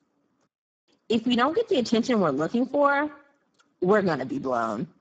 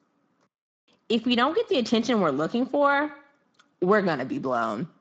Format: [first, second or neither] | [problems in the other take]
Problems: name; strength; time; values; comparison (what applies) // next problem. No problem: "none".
second | garbled, watery; badly; nothing above 7.5 kHz; slightly in the second